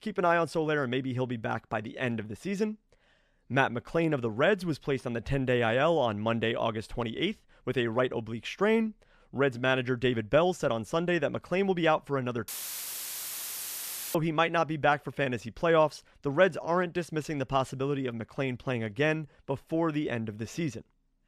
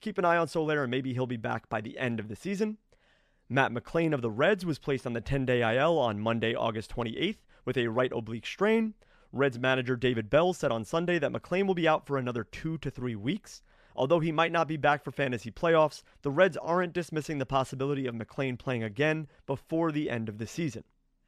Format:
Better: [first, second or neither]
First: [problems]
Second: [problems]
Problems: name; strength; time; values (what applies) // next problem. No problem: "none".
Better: second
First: audio cutting out; filled with static; at 12 s for 1.5 s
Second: none